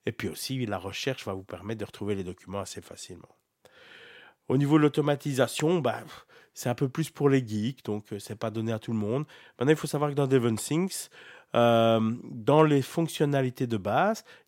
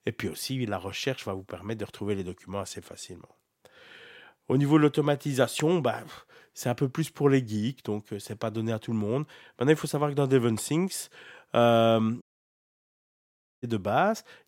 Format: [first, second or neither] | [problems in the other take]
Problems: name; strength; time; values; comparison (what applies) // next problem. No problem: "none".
first | audio cutting out; at 12 s for 1.5 s